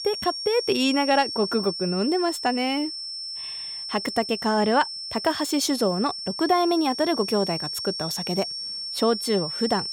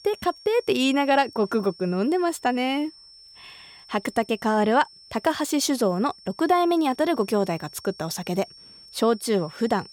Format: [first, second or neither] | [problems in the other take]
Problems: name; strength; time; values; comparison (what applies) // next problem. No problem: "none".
second | high-pitched whine; loud; throughout; 5.5 kHz, 5 dB below the speech; faint in the second